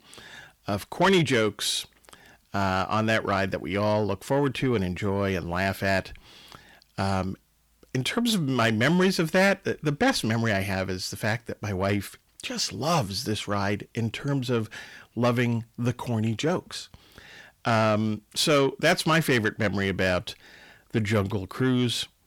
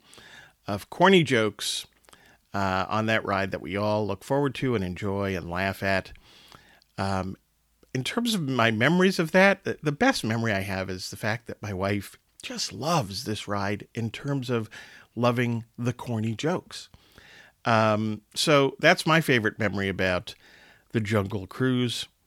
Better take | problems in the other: second | distortion; slight; 10 dB below the speech

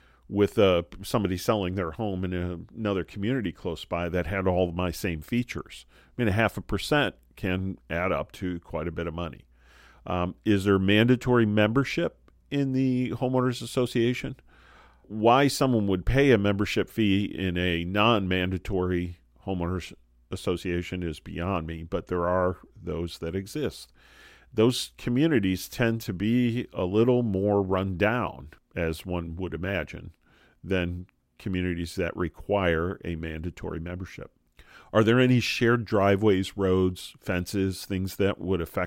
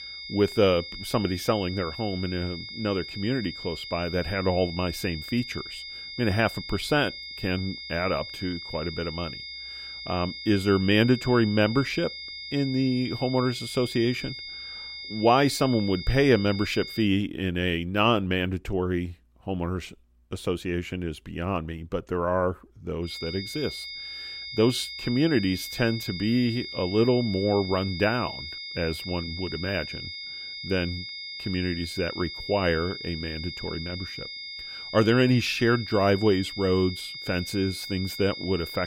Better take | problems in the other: first | high-pitched whine; loud; until 17 s and from 23 s on; 5 kHz, 9 dB below the speech

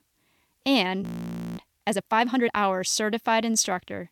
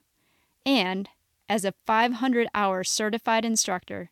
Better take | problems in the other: second | audio freezing; at 1 s for 0.5 s

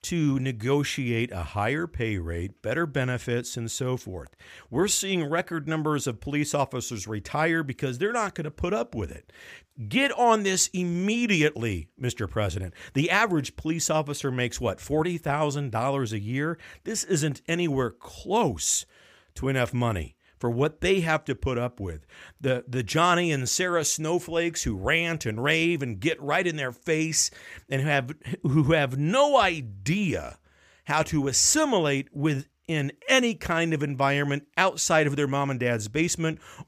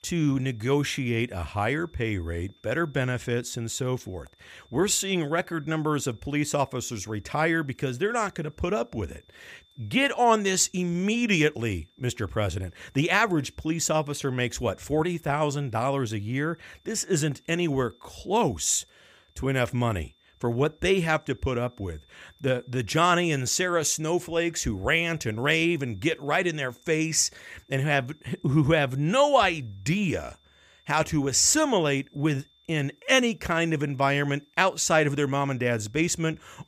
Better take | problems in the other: first | high-pitched whine; faint; throughout; 3.5 kHz, 35 dB below the speech

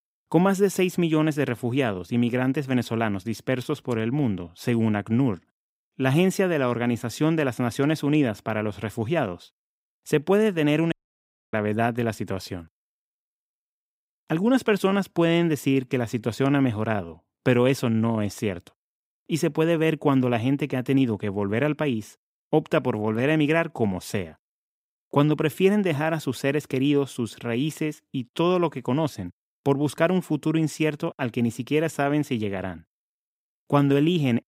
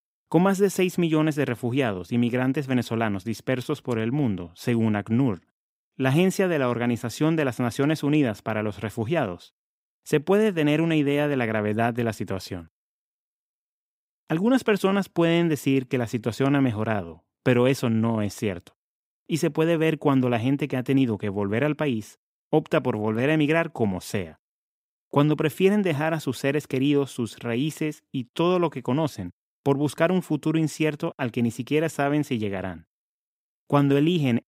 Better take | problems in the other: second | audio cutting out; at 11 s for 0.5 s

